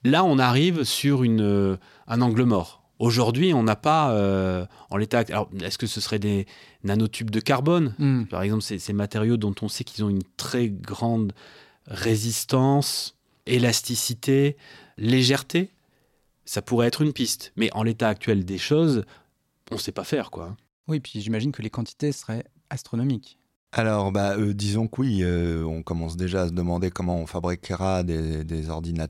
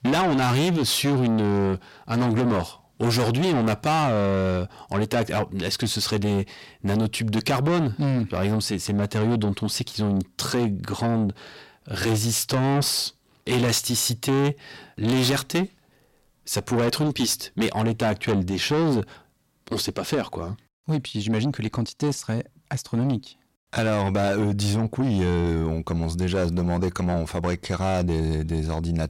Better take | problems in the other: first | distortion; heavy; 8 dB below the speech

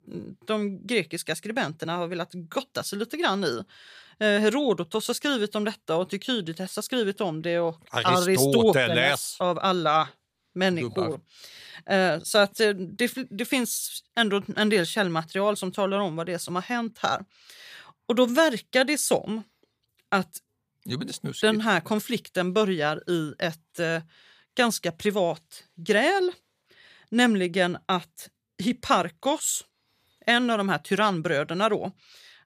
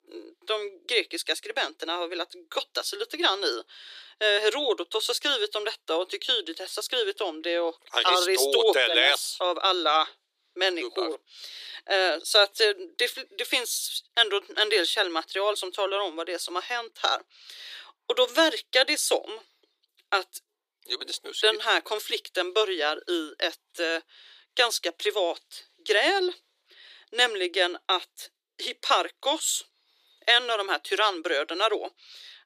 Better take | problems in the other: first | thin; very; fading below 300 Hz

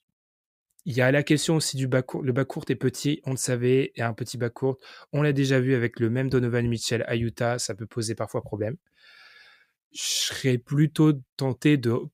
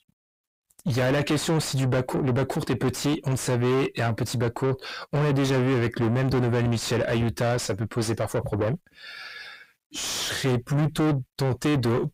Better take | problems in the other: first | distortion; heavy; 5 dB below the speech

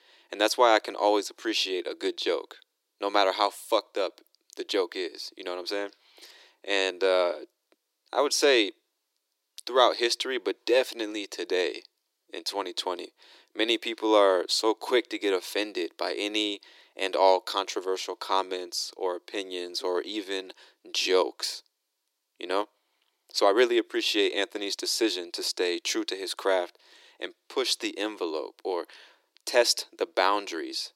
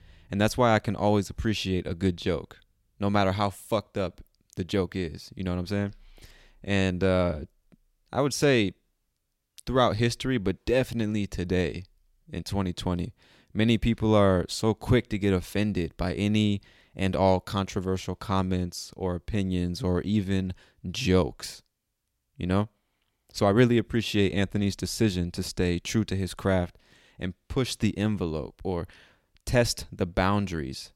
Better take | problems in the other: second | thin; very; fading below 300 Hz

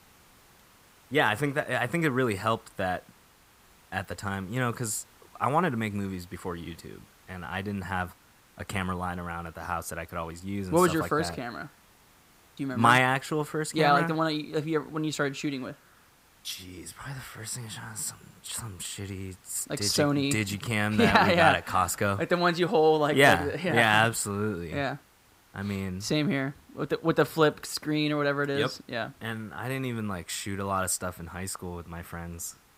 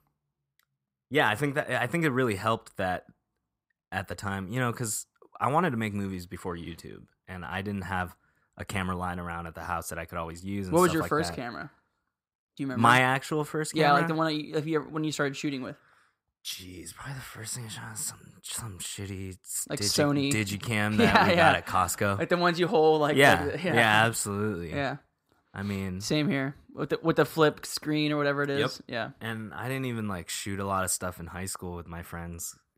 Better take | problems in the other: second | hiss; faint; throughout; 30 dB below the speech

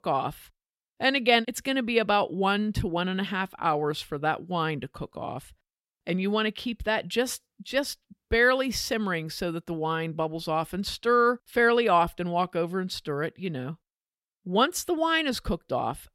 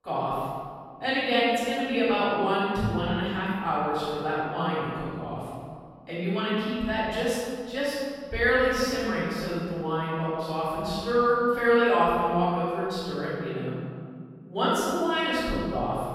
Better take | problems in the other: first | room echo; strong; dies away in 1.8 s // off-mic speech; far

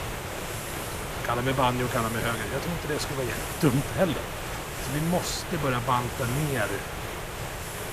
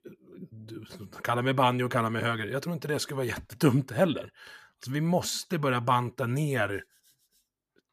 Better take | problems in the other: second | hiss; loud; throughout; 5 dB below the speech

